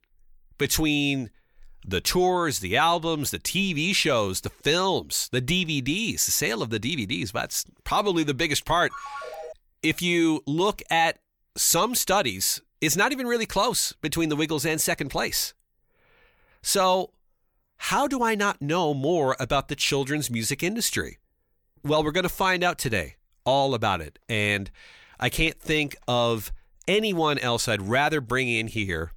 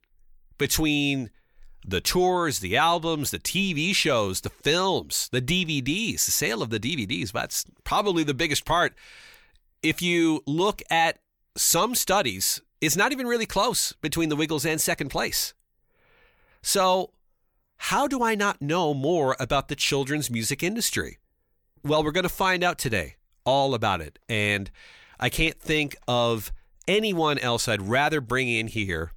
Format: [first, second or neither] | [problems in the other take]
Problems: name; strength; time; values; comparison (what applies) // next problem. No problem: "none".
second | phone ringing; faint; at 9 s; peak 10 dB below the speech